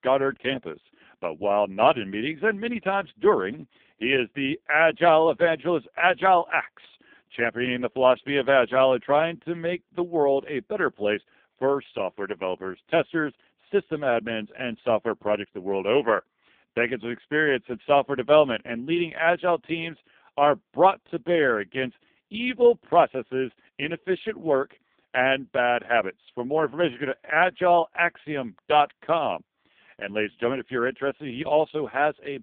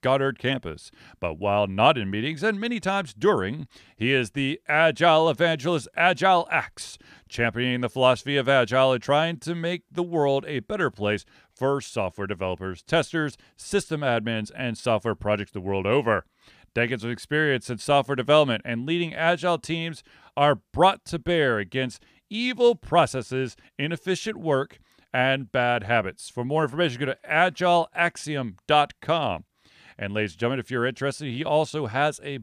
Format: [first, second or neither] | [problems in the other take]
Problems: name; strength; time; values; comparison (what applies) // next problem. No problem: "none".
second | phone-call audio; poor line; nothing above 3.5 kHz